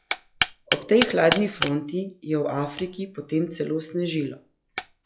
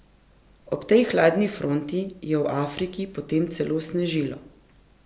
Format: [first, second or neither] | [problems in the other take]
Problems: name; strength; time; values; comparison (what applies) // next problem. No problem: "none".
second | noise reduction (classical method log-MMSE)